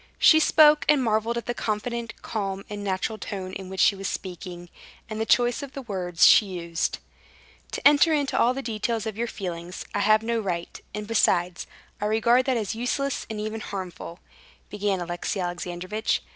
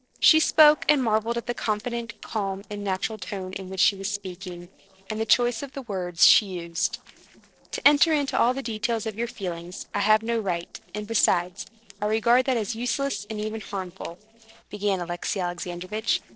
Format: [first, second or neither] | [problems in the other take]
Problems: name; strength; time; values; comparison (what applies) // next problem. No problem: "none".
first | noise reduction (neural separator model SepFormer DNS4)